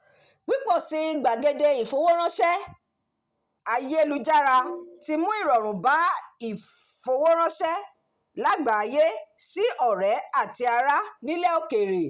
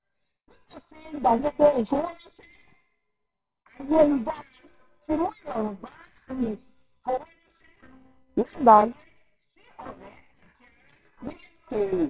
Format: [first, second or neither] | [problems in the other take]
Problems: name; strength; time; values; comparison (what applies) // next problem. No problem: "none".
first | noise reduction (neural separator model SepFormer WHAMR!)